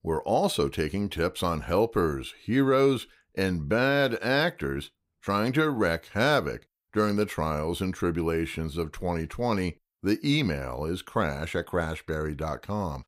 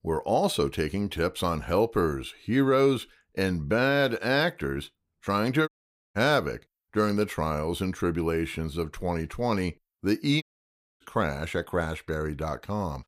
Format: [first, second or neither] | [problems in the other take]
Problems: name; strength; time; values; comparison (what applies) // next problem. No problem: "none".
first | audio cutting out; at 5.5 s and at 10 s for 0.5 s